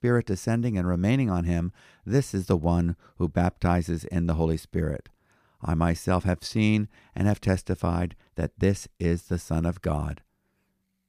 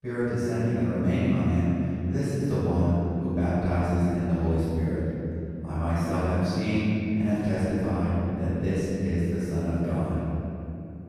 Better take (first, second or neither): first